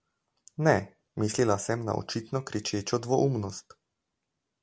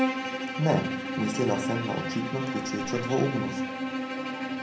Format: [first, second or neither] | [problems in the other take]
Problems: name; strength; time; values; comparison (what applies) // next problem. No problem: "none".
first | background sound (Bowed string instrument); 1 dB below the speech // room echo; dies away in 0.6 s